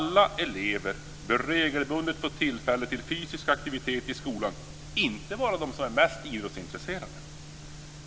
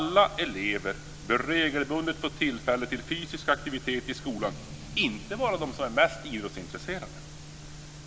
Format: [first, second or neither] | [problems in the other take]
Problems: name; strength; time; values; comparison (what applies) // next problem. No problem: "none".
first | background sound (Strum); 15 dB below the speech